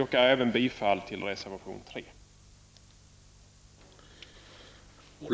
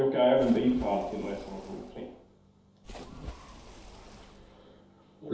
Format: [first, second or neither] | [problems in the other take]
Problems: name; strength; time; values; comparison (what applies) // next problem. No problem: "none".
first | background sound (Splash, splatter); 16 dB below the speech // room echo; dies away in 0.8 s